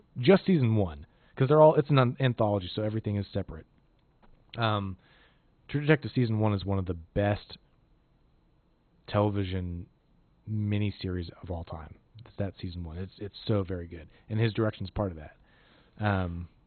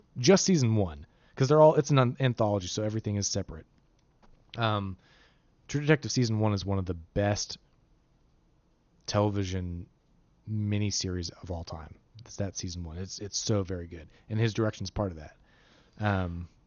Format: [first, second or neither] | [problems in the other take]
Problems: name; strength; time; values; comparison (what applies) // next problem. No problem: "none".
second | garbled, watery; badly; nothing above 4 kHz; slightly in the second